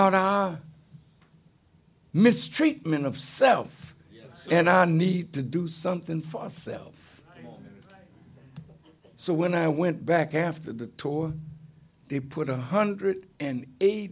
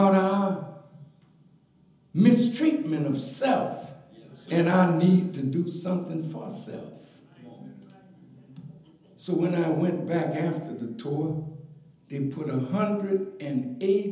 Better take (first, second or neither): first